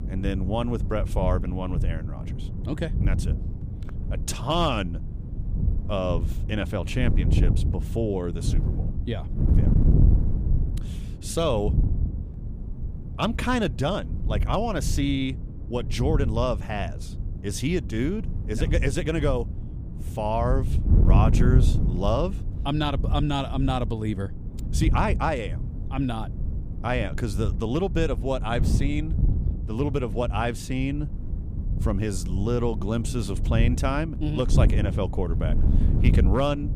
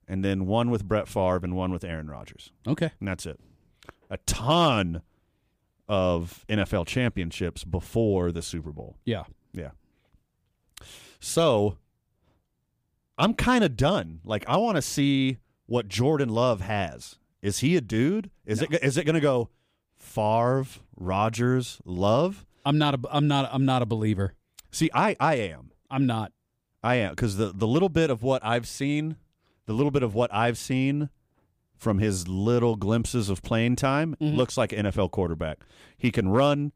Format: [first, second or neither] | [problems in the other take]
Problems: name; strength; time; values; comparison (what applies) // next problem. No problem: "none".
second | wind noise on the microphone; occasional gusts; 10 dB below the speech